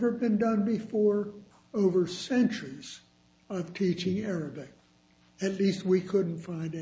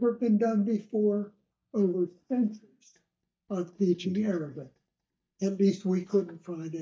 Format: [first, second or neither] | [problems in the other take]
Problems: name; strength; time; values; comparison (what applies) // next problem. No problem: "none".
first | noise reduction (neural mask model DeepFilterNet 3)